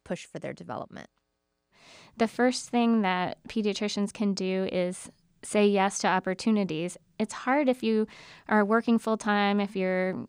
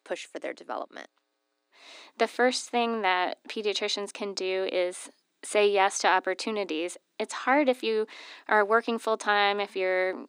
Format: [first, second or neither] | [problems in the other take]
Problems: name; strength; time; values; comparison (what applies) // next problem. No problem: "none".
first | thin; somewhat; fading below 300 Hz